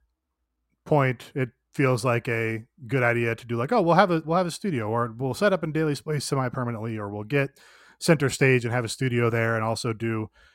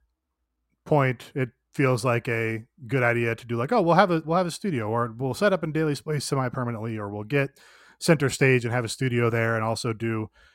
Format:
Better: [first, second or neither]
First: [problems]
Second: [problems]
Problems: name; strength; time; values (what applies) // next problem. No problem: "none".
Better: neither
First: none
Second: none